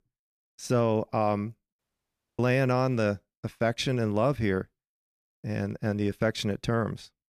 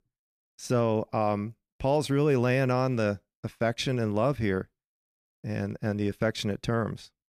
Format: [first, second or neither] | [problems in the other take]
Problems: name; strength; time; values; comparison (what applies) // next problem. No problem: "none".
second | audio cutting out; at 2 s for 0.5 s